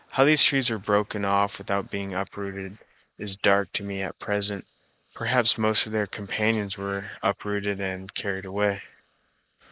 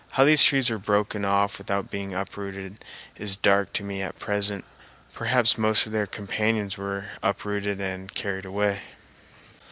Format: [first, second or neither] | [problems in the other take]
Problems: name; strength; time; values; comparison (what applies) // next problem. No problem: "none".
second | noise reduction (neural mask model Resemble Enhance denoiser)